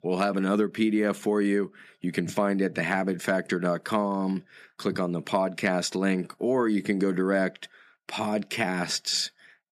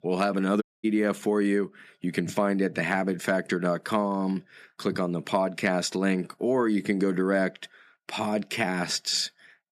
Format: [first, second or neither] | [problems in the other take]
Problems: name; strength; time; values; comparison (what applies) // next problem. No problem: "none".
first | audio cutting out; at 0.5 s